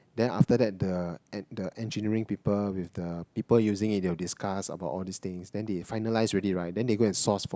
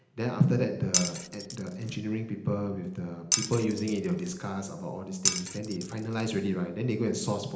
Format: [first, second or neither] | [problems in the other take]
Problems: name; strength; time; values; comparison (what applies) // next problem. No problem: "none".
first | background sound (Glass); 3 dB below the speech // room echo; dies away in 0.9 s